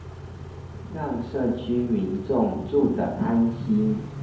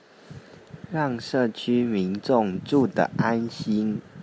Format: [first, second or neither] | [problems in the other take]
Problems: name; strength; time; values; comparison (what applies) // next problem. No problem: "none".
second | background sound (Idling / Accelerating, revving, vroom / Car); 12 dB below the speech // room echo; dies away in 2 s